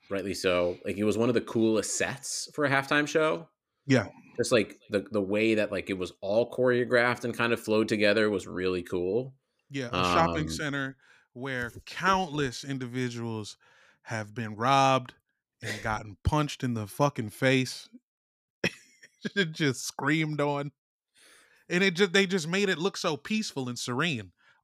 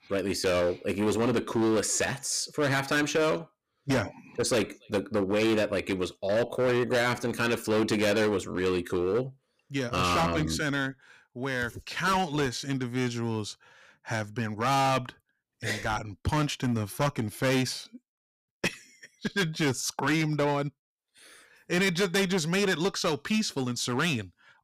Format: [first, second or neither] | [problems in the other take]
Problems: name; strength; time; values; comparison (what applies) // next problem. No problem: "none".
first | distortion; heavy; 12% of the sound clipped